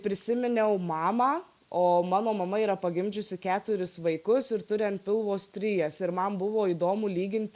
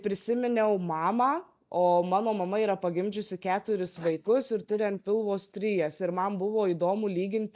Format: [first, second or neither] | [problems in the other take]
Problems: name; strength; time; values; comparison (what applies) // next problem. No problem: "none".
first | noise reduction (neural mask model DeepFilterNet 3)